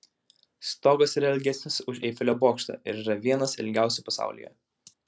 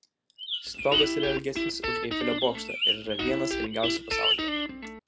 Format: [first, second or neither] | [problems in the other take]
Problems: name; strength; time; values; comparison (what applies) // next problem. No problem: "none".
first | background sound (Guitar + Bird); 3 dB above the speech